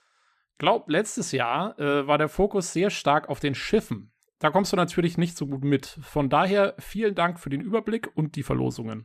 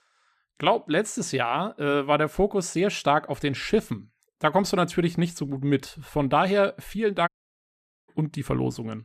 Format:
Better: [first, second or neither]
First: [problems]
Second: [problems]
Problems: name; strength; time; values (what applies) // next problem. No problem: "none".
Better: first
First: none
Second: audio cutting out; at 7.5 s for 1 s